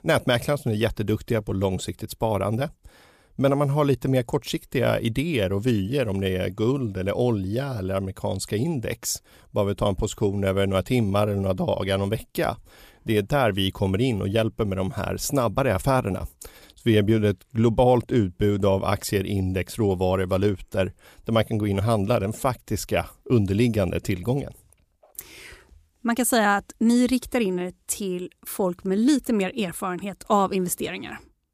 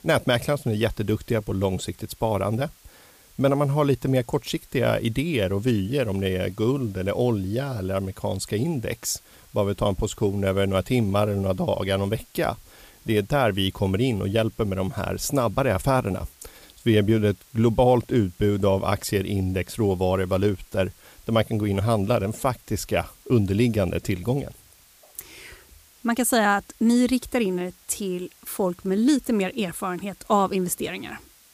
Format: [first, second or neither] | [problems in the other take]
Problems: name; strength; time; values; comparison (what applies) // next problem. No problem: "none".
first | hiss; faint; throughout; 30 dB below the speech